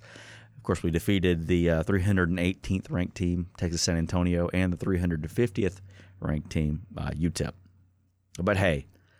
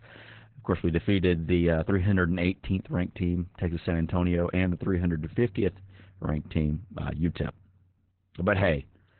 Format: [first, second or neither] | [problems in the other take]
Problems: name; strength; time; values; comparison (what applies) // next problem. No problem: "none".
first | garbled, watery; badly; nothing above 4 kHz